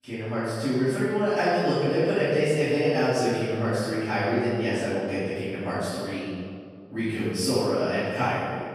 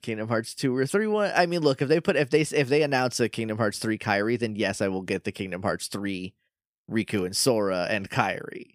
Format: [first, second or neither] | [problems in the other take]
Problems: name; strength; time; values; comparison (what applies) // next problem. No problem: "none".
second | room echo; strong; dies away in 1.8 s // off-mic speech; far